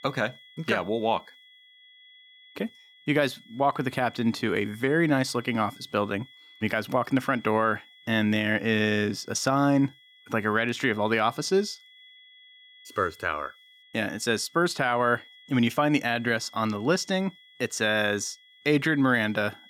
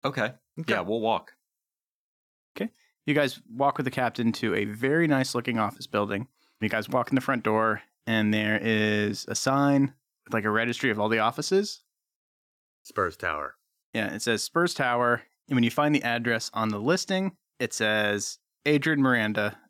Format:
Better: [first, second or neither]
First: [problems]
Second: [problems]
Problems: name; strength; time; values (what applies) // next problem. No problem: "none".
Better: second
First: high-pitched whine; faint; throughout; 3.5 kHz, 25 dB below the speech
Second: none